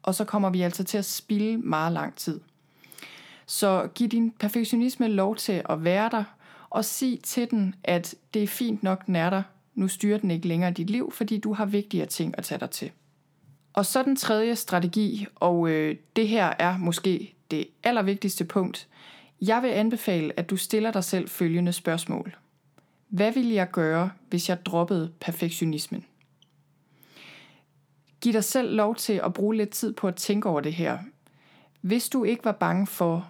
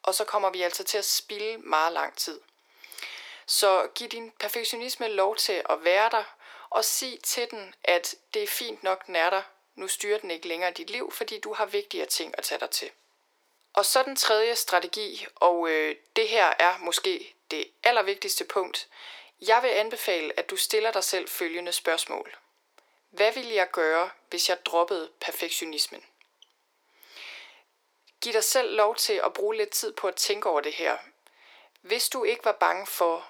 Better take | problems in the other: first | thin; very; fading below 400 Hz

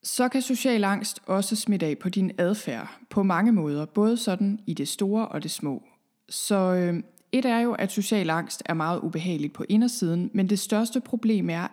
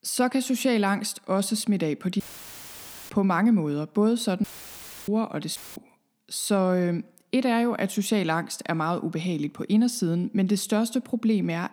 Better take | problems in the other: first | audio cutting out; filled with static; at 2 s for 1 s, at 4.5 s for 0.5 s and at 5.5 s

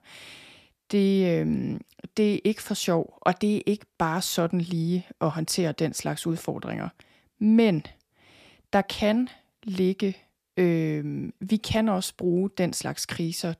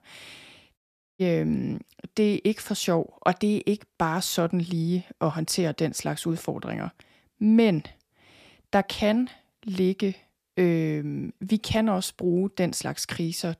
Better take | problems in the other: first | audio cutting out; at 1 s

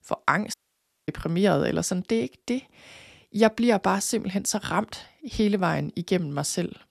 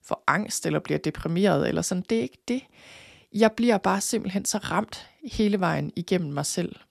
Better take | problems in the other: second | audio cutting out; at 0.5 s for 0.5 s

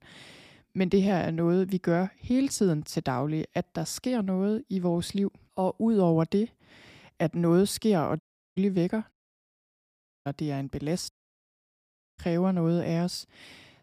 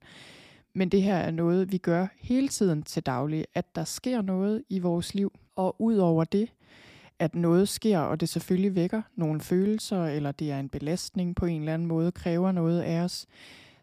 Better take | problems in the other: second | audio cutting out; at 8 s, at 9 s for 1 s and at 11 s for 1 s

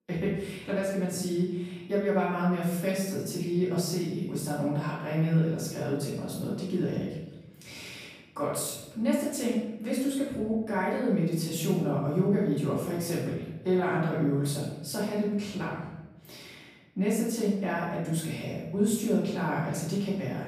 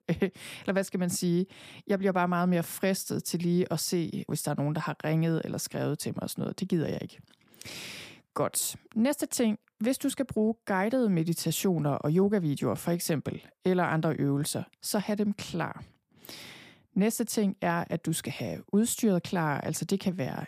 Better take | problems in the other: second | off-mic speech; far // room echo; noticeable; dies away in 0.9 s

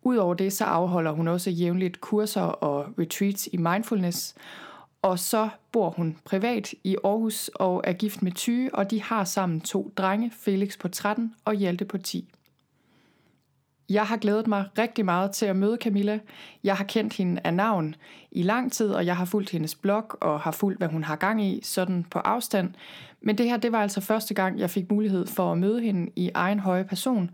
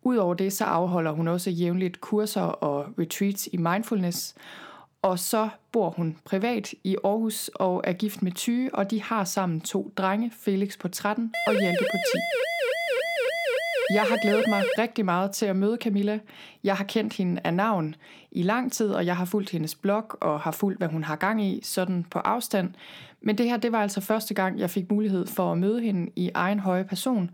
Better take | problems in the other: first | siren; loud; from 11 to 15 s; peak 1 dB above the speech

